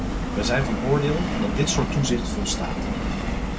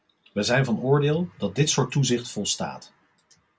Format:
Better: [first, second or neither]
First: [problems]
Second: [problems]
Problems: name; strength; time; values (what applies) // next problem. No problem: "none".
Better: second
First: background sound (Subway, metro, underground); as loud as the speech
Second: none